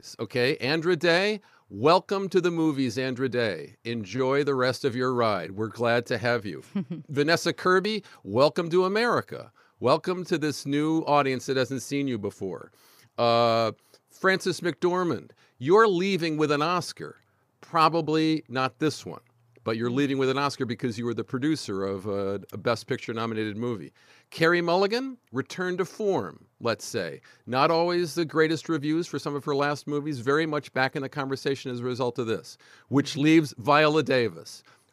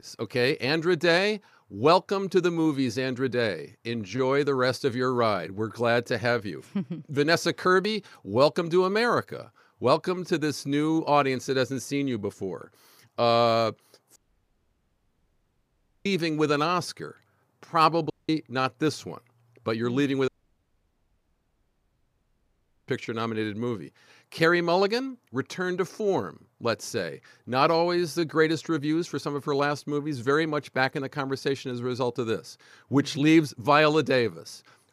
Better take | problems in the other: first | audio cutting out; at 14 s for 2 s, at 18 s and at 20 s for 2.5 s

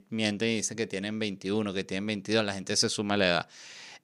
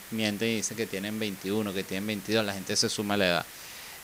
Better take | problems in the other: first | hiss; noticeable; throughout; 15 dB below the speech

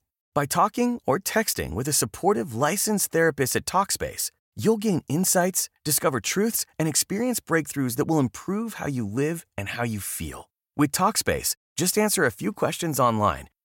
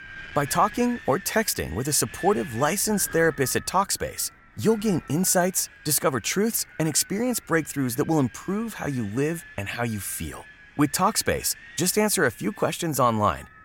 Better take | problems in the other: first | wind noise on the microphone; occasional gusts; 15 dB below the speech

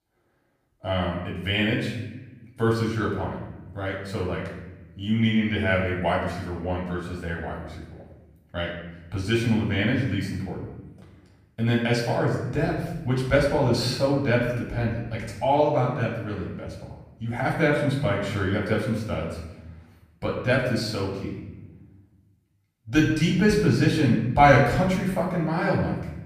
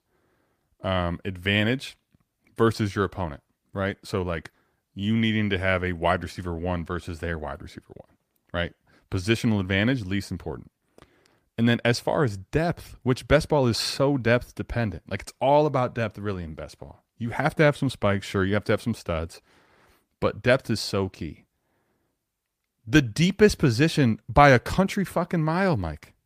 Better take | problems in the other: second | off-mic speech; far // room echo; noticeable; dies away in 0.9 s

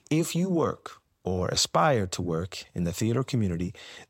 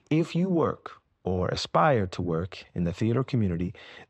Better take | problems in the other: first | muffled; slightly; fading above 3 kHz

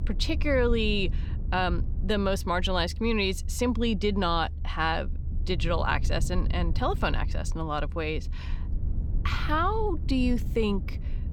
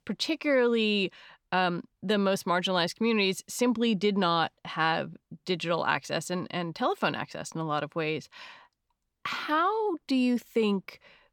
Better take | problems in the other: second | low rumble; noticeable; throughout; 20 dB below the speech

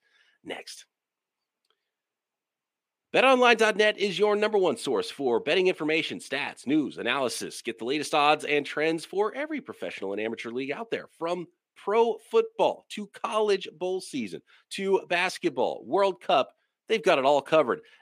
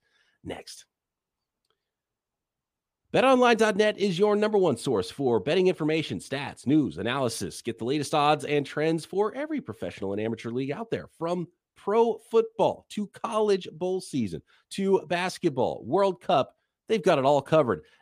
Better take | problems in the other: second | thin; very slightly; fading below 250 Hz

